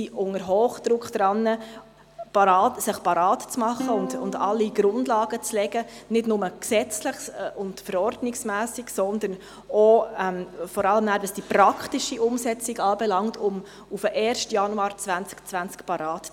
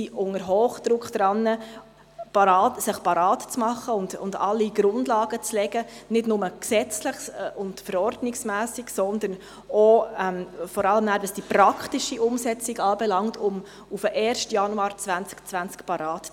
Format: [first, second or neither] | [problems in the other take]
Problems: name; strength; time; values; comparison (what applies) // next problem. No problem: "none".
second | background sound (Plucked string instrument); 13 dB below the speech